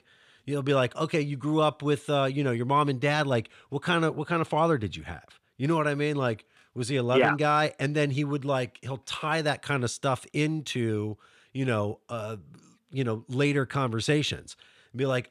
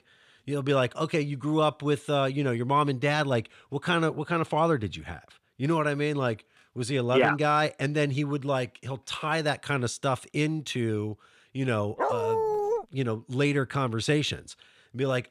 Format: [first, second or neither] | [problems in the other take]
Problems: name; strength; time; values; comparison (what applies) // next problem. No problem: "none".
first | dog barking; loud; at 12 s; peak 1 dB above the speech